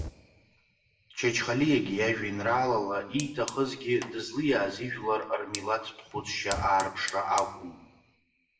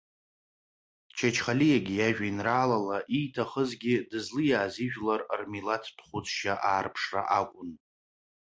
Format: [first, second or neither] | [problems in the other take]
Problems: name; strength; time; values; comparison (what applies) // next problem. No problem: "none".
second | background sound (Fire); 15 dB below the speech // room echo; dies away in 0.7 s